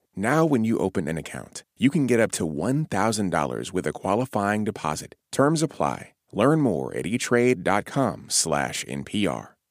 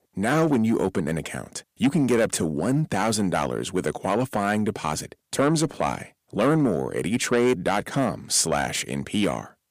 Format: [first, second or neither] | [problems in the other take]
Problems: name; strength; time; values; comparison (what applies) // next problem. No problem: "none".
first | distortion; slight; 10 dB below the speech